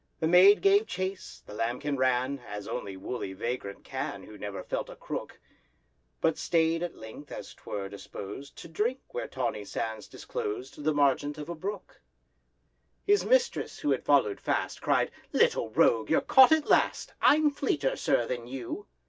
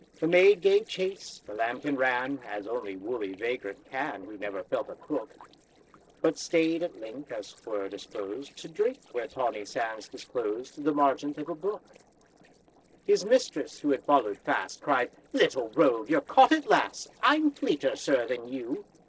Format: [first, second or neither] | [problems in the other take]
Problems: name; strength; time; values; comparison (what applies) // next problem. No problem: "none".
first | noise reduction (neural separator model SepFormer DNS4)